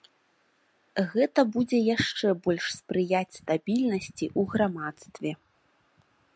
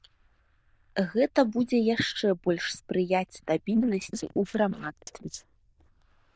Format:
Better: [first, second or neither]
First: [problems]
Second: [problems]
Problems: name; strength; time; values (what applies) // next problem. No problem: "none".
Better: first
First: none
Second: noise reduction (neural diffusion model UNIVERSE++)